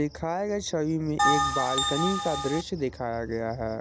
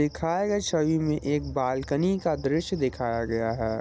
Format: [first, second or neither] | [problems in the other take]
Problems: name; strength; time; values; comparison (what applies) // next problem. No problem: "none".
second | background sound (Bell); 3 dB above the speech